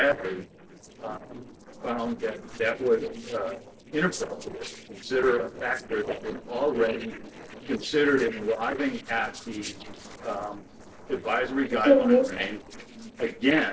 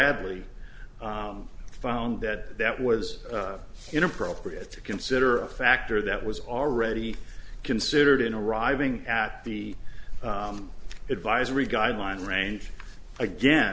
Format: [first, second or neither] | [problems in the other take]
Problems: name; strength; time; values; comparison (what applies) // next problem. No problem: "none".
second | noise reduction (neural separator model SepFormer DNS4)